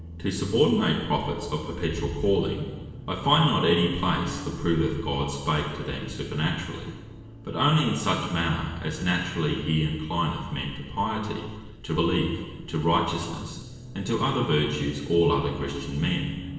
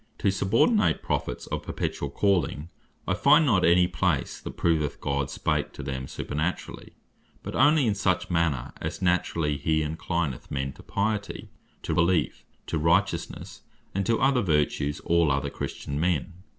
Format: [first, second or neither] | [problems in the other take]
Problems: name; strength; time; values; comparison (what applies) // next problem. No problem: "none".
second | background sound (Accelerating, revving, vroom); 15 dB below the speech // room echo; dies away in 1.2 s